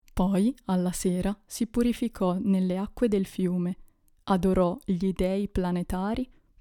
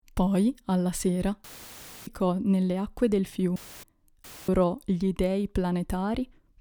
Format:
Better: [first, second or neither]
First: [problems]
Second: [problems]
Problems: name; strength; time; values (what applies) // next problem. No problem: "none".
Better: first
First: none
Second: audio cutting out; filled with static; at 1.5 s for 0.5 s, at 3.5 s and at 4 s